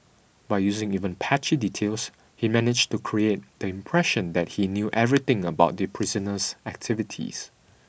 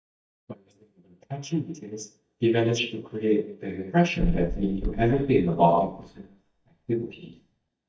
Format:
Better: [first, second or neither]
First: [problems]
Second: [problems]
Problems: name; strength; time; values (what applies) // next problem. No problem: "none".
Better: first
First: none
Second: noise reduction (neural mask model DeepFilterNet 3)